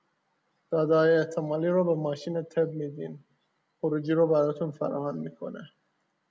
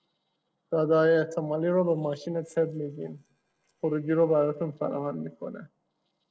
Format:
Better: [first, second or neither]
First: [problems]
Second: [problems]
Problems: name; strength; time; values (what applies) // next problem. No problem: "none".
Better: first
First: none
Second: noise reduction (neural separator model SepFormer DNS4)